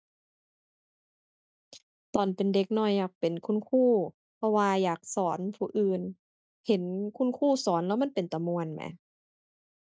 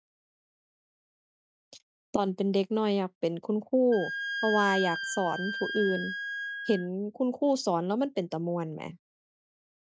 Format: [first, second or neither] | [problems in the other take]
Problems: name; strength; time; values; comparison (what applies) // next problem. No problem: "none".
first | background sound (Wind instrument, woodwind instrument); 4 dB below the speech